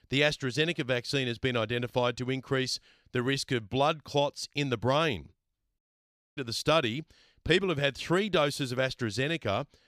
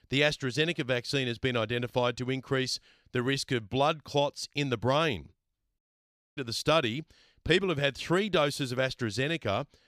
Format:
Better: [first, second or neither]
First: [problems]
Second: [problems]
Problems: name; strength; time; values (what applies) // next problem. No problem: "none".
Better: neither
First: audio cutting out; at 6 s for 0.5 s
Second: audio cutting out; at 6 s for 0.5 s